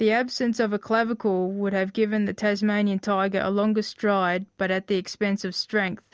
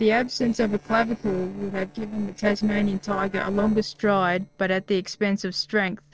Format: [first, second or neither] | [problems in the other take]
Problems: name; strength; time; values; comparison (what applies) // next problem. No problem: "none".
first | noise reduction (neural separator model SepFormer DNS4)